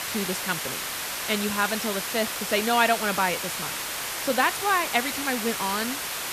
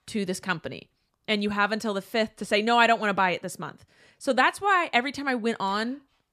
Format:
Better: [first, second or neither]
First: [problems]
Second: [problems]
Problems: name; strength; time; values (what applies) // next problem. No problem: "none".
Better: second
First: hiss; loud; throughout; 3 dB below the speech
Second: none